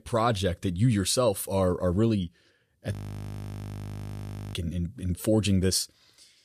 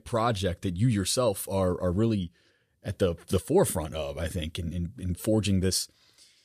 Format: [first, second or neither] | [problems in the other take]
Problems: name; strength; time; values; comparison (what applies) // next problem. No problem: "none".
second | audio freezing; at 3 s for 1.5 s